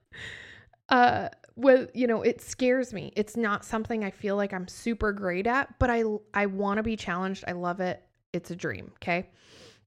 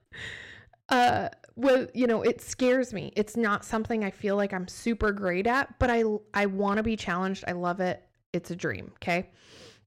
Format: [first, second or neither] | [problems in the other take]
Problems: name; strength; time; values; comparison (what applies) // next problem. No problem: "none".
first | distortion; slight; 3% of the sound clipped